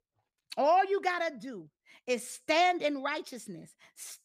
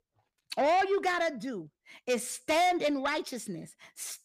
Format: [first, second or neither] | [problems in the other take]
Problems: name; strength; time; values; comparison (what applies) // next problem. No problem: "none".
first | distortion; slight; 10 dB below the speech